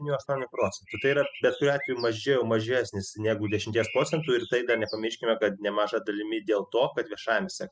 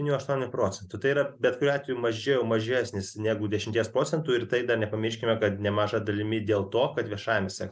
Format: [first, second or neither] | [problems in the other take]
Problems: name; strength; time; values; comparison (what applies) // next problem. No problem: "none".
second | noise reduction (classical method spectral subtraction)